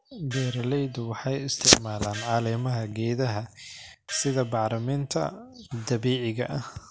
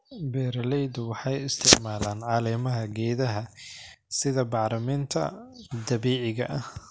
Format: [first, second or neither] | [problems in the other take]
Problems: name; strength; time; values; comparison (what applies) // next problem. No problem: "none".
second | background sound (Gong); 17 dB below the speech